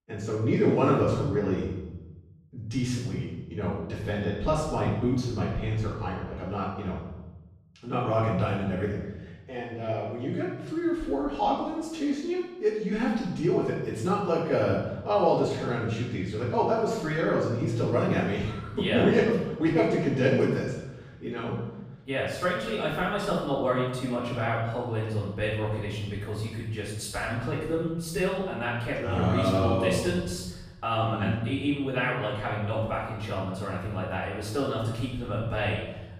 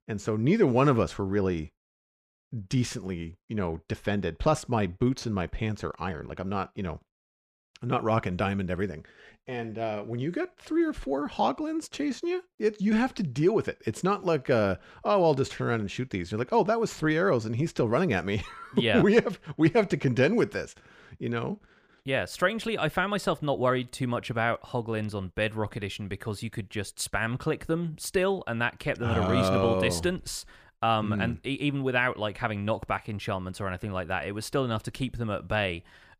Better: second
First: room echo; noticeable; dies away in 1 s // off-mic speech; far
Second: none

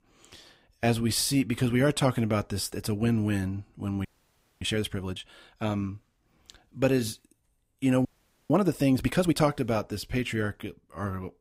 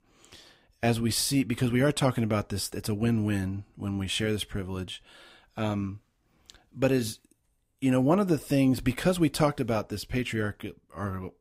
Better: second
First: audio freezing; at 4 s for 0.5 s and at 8 s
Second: none

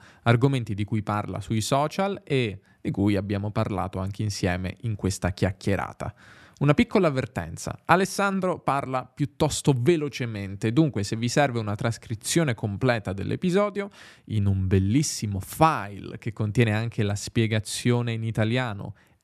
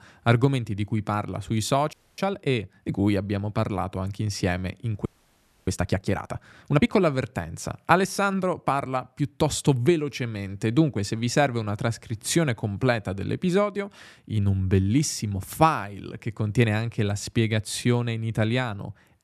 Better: first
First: none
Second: audio freezing; at 2 s and at 5 s for 0.5 s

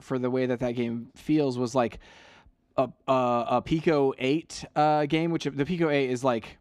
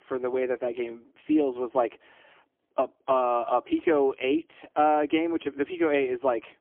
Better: first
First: none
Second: phone-call audio; poor line; nothing above 3.5 kHz

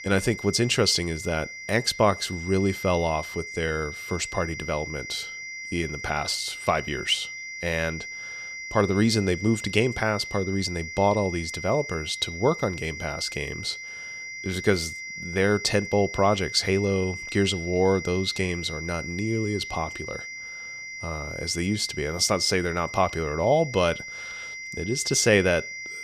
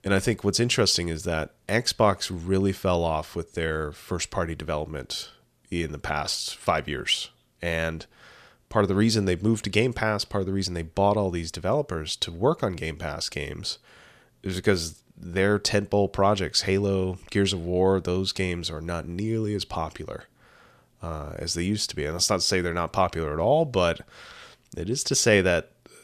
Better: second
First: high-pitched whine; loud; throughout; 2 kHz, 9 dB below the speech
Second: none

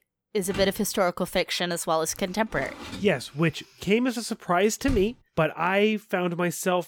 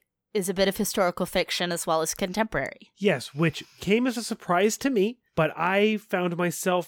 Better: second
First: door banging; noticeable; until 5 s; peak 10 dB below the speech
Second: none

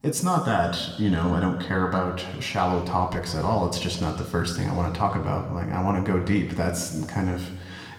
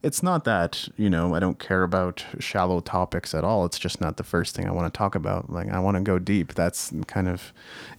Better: second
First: room echo; slight; dies away in 1.2 s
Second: none

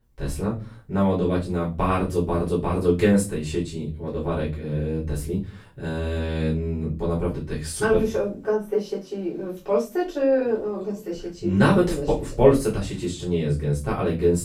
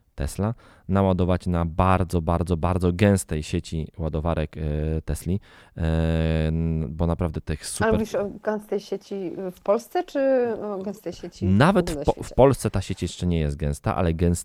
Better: second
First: off-mic speech; far // room echo; slight; dies away in 0.3 s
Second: none

